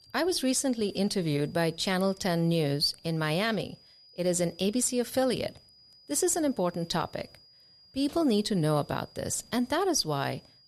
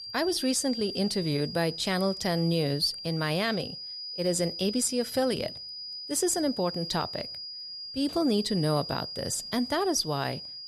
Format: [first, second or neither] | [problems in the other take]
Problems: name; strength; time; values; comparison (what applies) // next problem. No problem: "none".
first | high-pitched whine; loud; throughout; 5 kHz, 8 dB below the speech; faint in the first